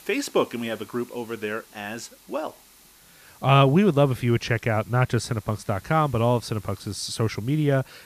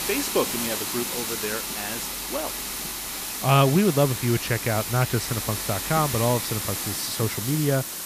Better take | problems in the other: first | hiss; loud; throughout; 3 dB below the speech; faint in the first

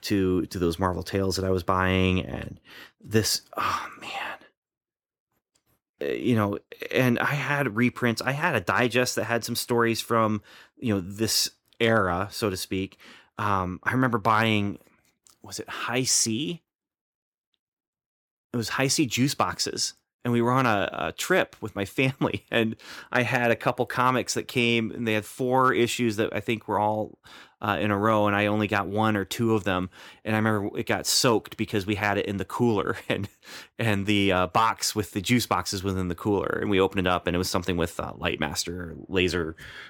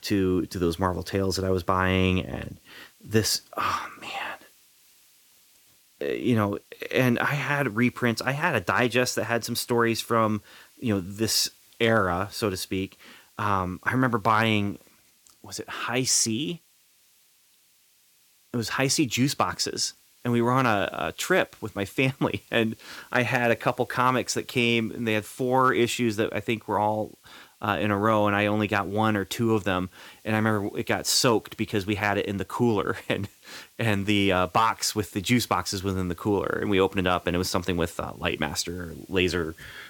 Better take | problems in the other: first | hiss; faint; throughout; 30 dB below the speech

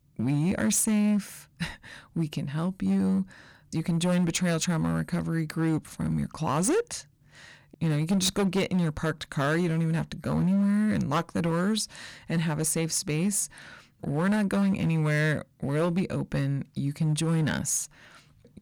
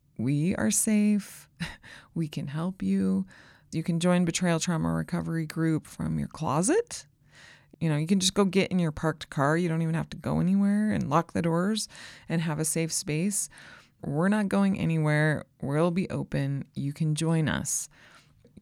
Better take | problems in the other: second | distortion; slight; 10% of the sound clipped

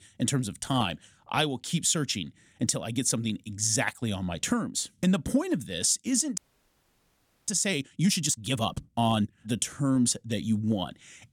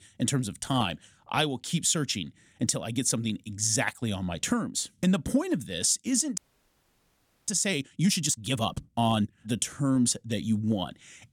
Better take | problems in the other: neither | audio freezing; at 6.5 s for 1 s; the same in both

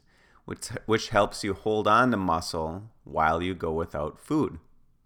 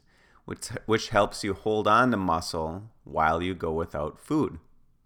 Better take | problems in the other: neither | none

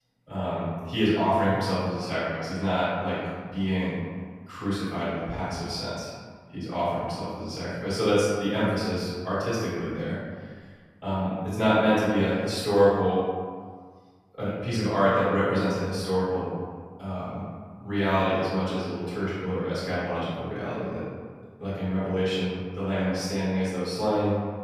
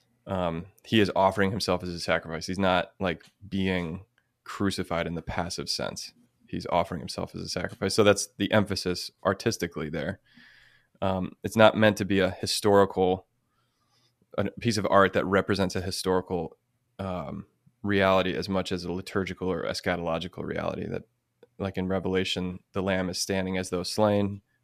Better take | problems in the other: second | off-mic speech; far // room echo; strong; dies away in 1.6 s

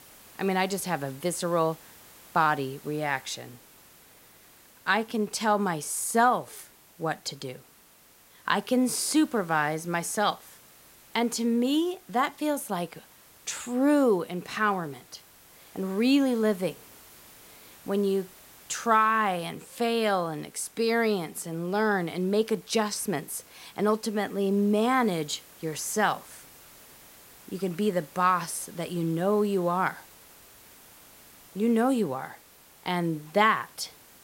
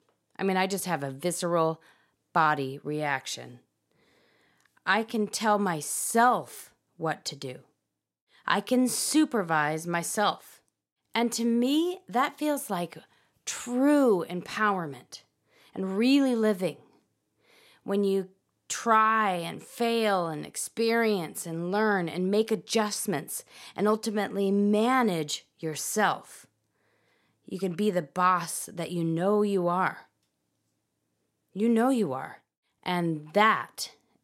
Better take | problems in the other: second | hiss; faint; throughout; 25 dB below the speech

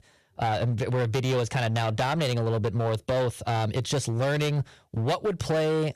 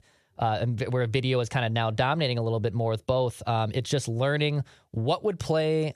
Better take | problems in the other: second | distortion; slight; 16% of the sound clipped

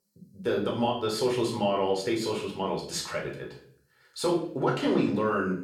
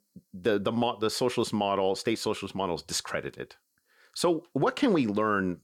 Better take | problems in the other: second | off-mic speech; far // room echo; noticeable; dies away in 0.5 s

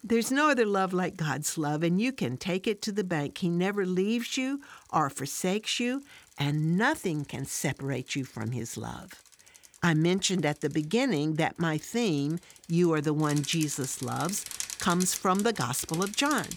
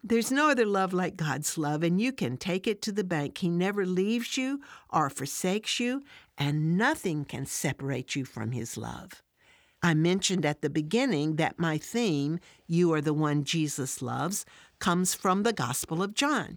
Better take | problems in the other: second | traffic noise; noticeable; throughout; 10 dB below the speech

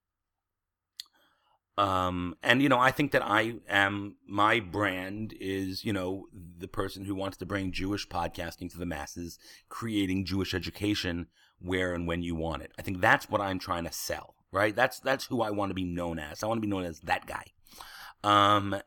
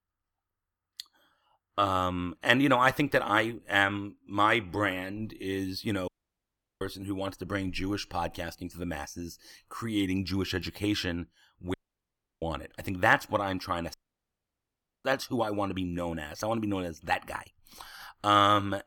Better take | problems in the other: first | audio cutting out; at 6 s for 0.5 s, at 12 s for 0.5 s and at 14 s for 1 s

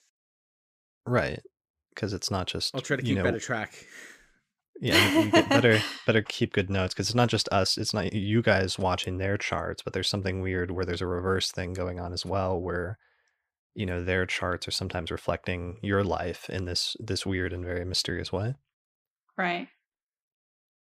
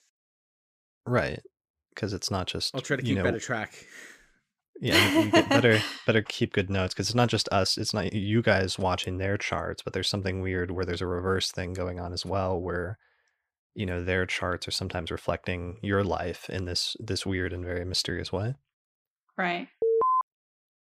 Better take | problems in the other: first | alarm; loud; at 20 s; peak 4 dB above the speech

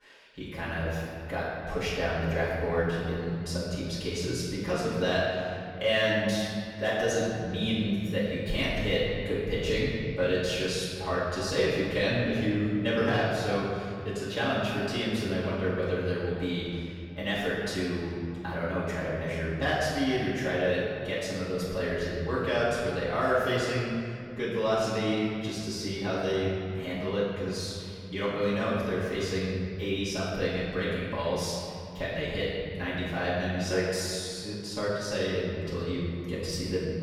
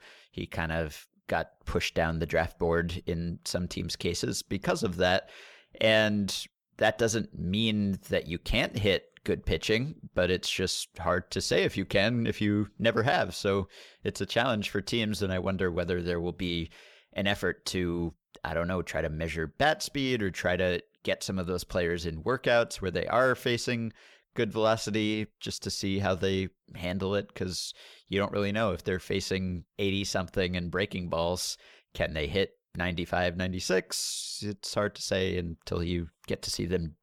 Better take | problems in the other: second | off-mic speech; far // room echo; strong; dies away in 2.3 s

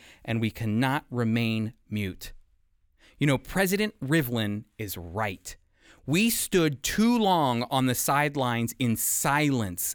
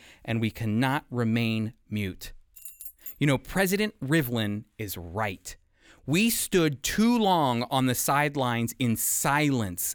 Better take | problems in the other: first | jangling keys; faint; at 2.5 s; peak 15 dB below the speech

